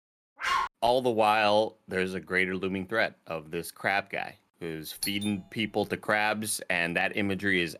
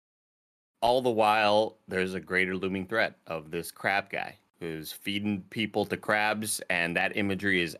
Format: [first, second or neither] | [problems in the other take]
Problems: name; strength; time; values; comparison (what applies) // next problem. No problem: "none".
second | dog barking; noticeable; at 0.5 s; peak level with the speech // doorbell; noticeable; at 5 s; peak 6 dB below the speech